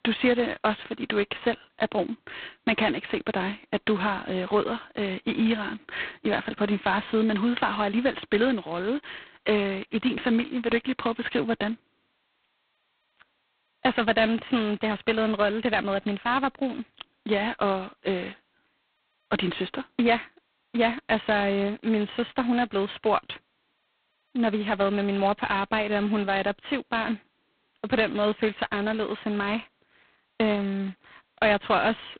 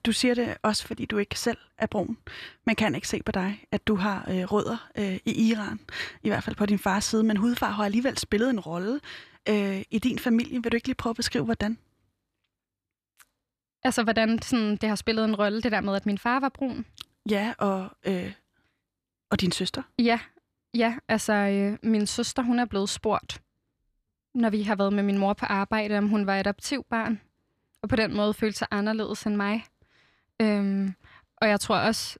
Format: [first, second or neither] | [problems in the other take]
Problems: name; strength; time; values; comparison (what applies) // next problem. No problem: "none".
second | phone-call audio; poor line; nothing above 4 kHz